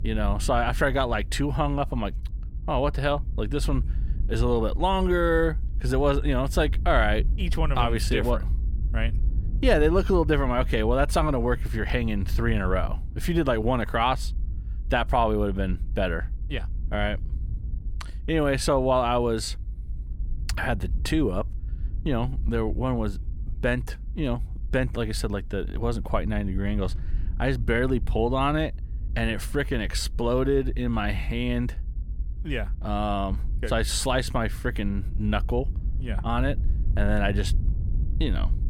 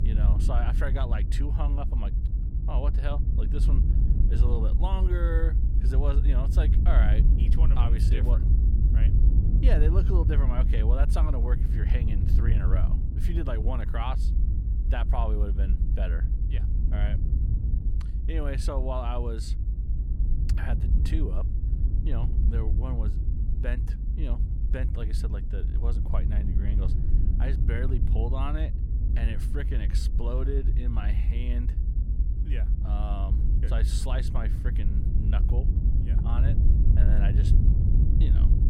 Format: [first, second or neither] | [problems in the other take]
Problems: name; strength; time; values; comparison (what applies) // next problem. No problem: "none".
first | low rumble; loud; throughout; 4 dB below the speech; faint in the first